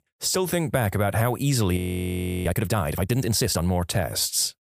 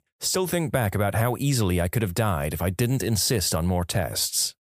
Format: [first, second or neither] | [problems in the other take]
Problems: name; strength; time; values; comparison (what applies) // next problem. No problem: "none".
second | audio freezing; at 2 s for 0.5 s